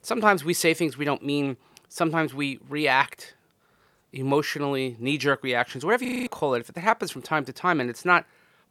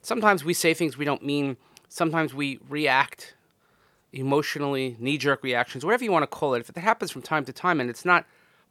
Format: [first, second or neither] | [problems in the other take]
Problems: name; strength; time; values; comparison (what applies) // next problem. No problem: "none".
second | audio freezing; at 6 s